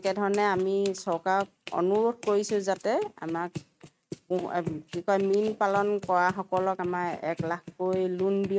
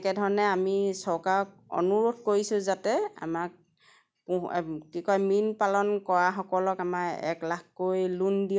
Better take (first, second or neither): second